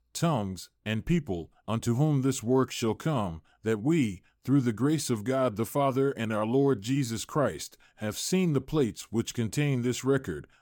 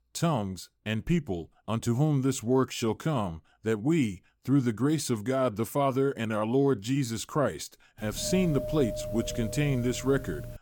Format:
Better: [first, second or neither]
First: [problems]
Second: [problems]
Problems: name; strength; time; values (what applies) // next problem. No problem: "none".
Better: first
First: none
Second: doorbell; noticeable; from 8 s on; peak 6 dB below the speech